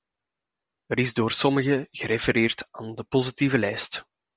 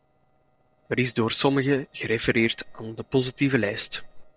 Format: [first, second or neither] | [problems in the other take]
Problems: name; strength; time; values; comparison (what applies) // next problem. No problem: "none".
first | noise reduction (neural separator model SepFormer DNS4)